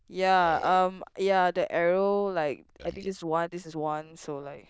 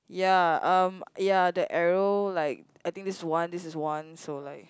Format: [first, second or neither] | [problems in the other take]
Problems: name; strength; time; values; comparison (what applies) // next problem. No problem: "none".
second | noise reduction (neural diffusion model UNIVERSE++)